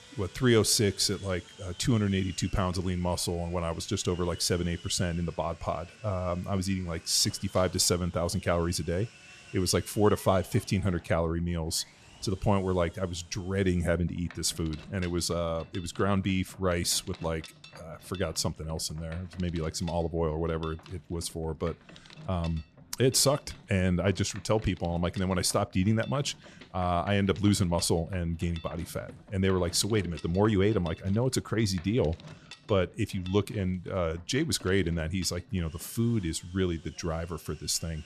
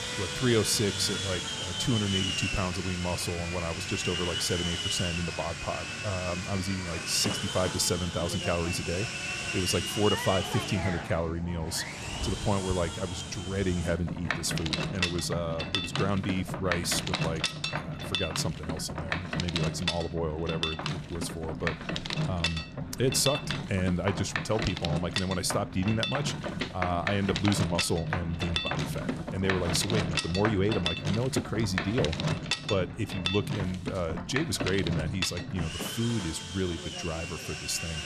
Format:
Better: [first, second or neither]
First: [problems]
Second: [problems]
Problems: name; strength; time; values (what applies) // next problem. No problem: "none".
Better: first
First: machinery noise; faint; throughout; 20 dB below the speech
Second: machinery noise; loud; throughout; 1 dB below the speech